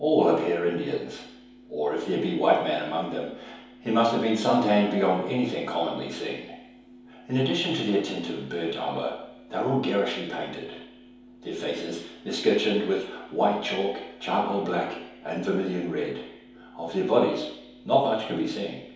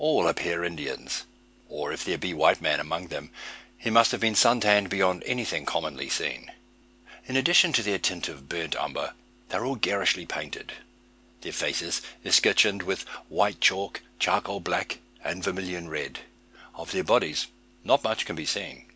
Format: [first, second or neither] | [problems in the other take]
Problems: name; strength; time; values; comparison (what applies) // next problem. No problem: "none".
second | room echo; dies away in 2.2 s